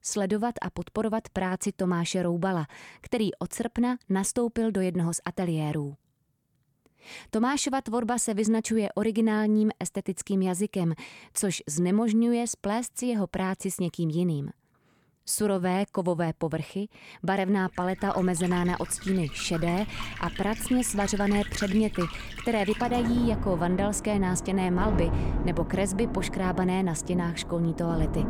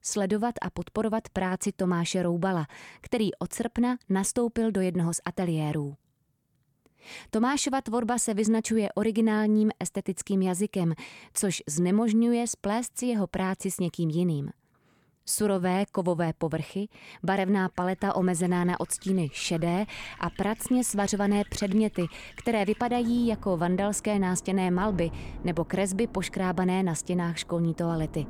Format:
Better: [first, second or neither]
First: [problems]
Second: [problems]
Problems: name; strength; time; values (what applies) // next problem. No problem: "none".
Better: second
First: rain or running water; loud; from 18 s on; 8 dB below the speech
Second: rain or running water; faint; from 18 s on; 20 dB below the speech